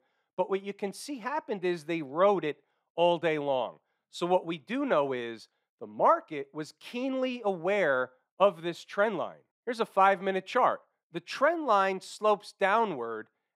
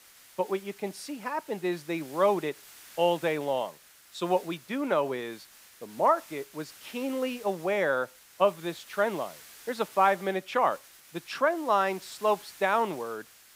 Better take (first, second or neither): first